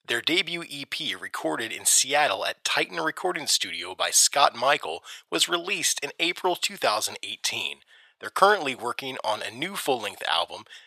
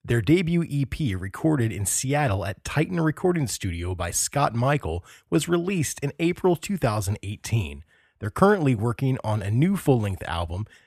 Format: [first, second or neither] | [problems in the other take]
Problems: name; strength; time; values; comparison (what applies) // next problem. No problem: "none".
second | thin; very; fading below 700 Hz